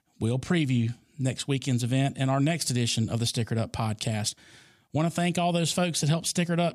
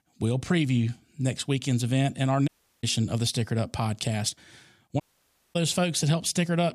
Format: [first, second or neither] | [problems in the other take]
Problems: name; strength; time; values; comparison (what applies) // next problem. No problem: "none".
first | audio cutting out; at 2.5 s and at 5 s for 0.5 s